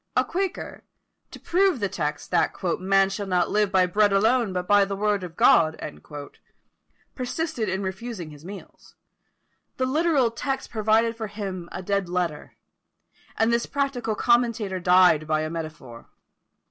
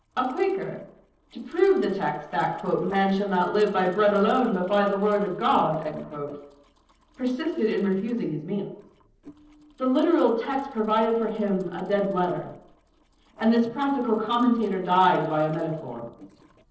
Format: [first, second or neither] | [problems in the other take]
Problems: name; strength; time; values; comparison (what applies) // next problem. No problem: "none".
first | noise reduction (neural separator model SepFormer DNS4)